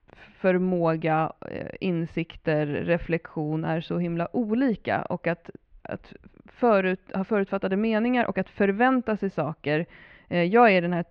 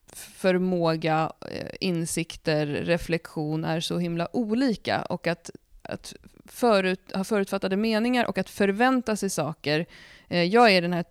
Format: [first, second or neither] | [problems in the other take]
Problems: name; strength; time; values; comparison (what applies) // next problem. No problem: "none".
second | muffled; very; fading above 2.5 kHz